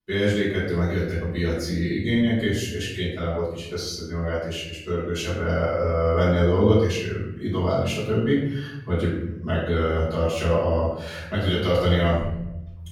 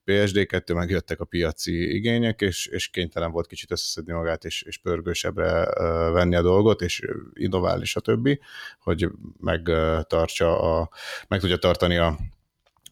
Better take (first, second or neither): second